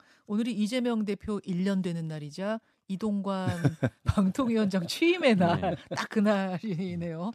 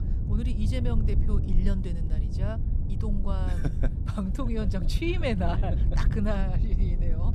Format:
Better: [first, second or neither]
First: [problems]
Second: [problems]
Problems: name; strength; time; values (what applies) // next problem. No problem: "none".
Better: first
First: none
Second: low rumble; loud; throughout; 7 dB below the speech